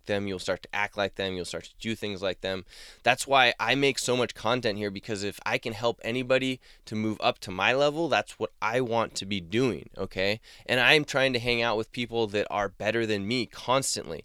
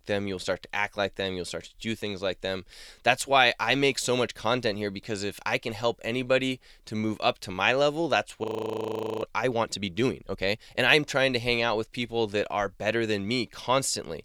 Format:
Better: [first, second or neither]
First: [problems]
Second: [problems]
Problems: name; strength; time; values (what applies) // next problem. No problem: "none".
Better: first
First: none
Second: audio freezing; at 8.5 s for 1 s